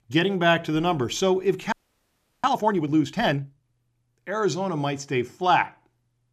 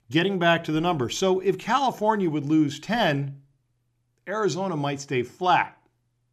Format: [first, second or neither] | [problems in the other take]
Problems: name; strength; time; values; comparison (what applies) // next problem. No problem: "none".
second | audio freezing; at 1.5 s for 0.5 s